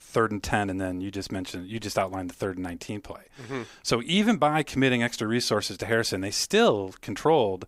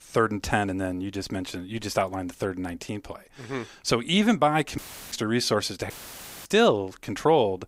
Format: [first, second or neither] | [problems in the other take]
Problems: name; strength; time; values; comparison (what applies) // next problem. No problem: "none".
first | audio cutting out; filled with static; at 5 s and at 6 s for 0.5 s